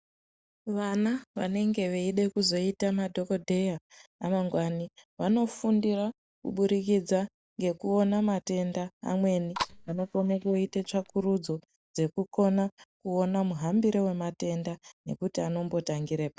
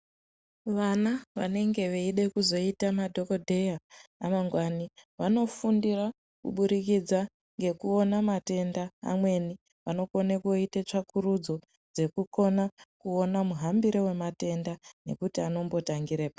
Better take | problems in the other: second | noise reduction (neural mask model DeepFilterNet 3)

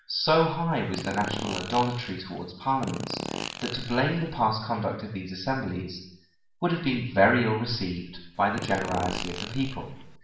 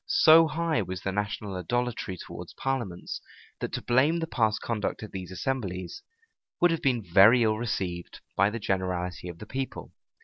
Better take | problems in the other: second | background sound (Fart); 9 dB below the speech // room echo; dies away in 0.7 s

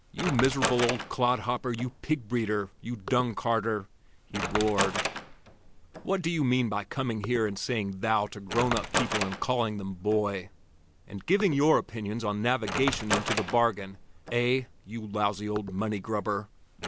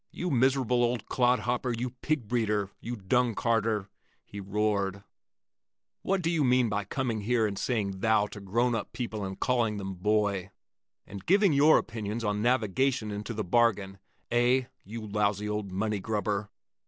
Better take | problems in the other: second | background sound (Wood); 8 dB below the speech

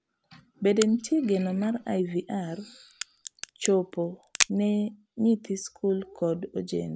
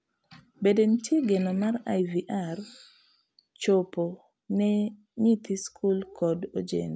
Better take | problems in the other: second | background sound (Crack); 8 dB below the speech

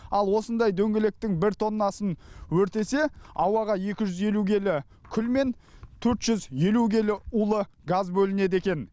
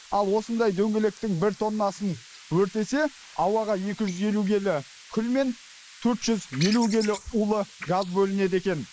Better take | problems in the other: first | noise reduction (neural mask model Resemble Enhance denoiser)

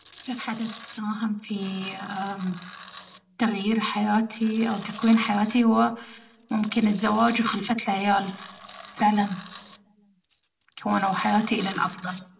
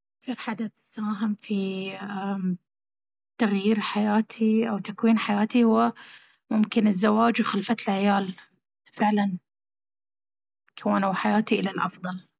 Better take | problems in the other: second | background sound (Tools); 20 dB below the speech // room echo; dies away in 0.6 s

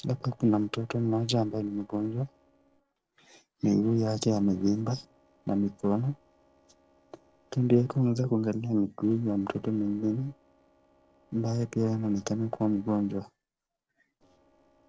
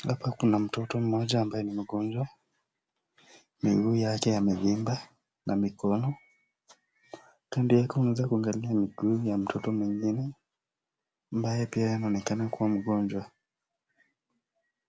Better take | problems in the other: second | noise reduction (neural separator model SepFormer DNS4)

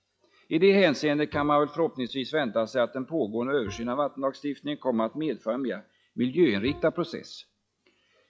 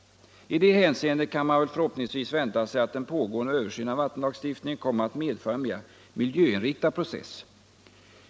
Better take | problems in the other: second | noise reduction (classical method log-MMSE)

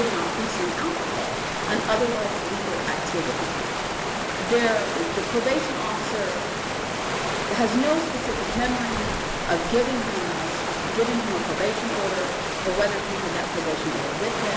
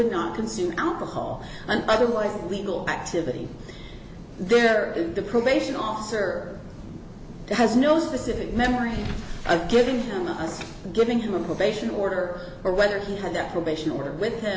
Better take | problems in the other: second | background sound (Water); as loud as the speech

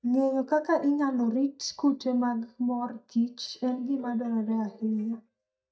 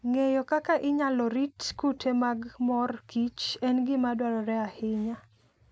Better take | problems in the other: second | noise reduction (neural mask model DeepFilterNet 3)

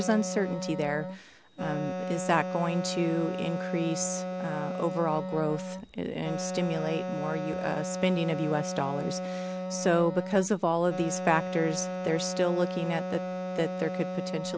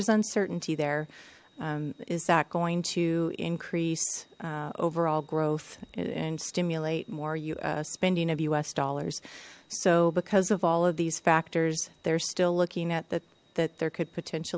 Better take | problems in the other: second | background sound (Wind instrument, woodwind instrument); 4 dB below the speech

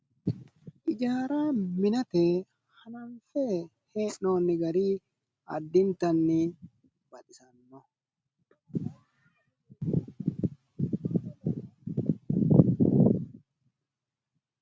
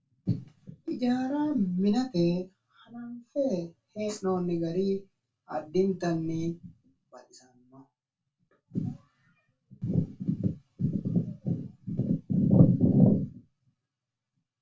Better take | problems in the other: first | room echo; dies away in 0.2 s

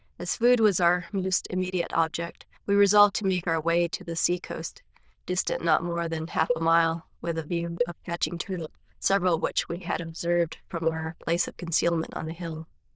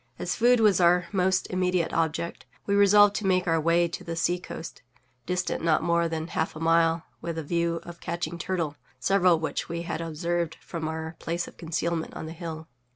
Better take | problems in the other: second | noise reduction (neural diffusion model UNIVERSE++)

